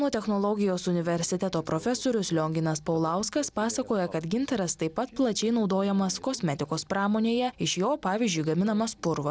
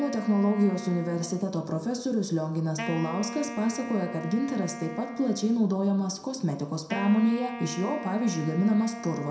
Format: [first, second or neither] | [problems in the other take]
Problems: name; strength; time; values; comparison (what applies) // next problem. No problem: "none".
first | background sound (Wind instrument, woodwind instrument); 12 dB below the speech // room echo; dies away in 0.6 s